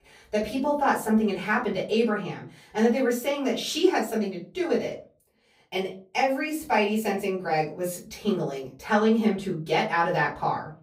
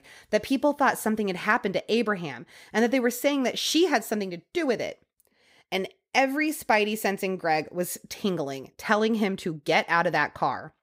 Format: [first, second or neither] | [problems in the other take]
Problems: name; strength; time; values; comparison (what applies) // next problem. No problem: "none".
second | off-mic speech; far // room echo; slight; dies away in 0.3 s